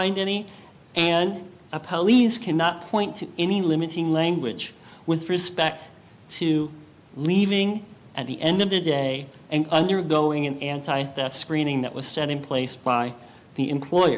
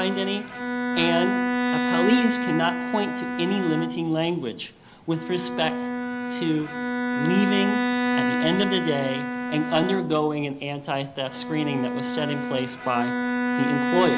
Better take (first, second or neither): first